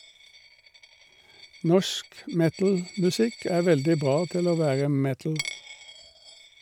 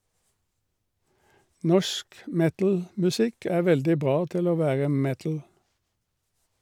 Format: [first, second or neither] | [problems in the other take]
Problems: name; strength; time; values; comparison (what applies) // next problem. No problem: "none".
second | background sound (Coin (dropping)); 17 dB below the speech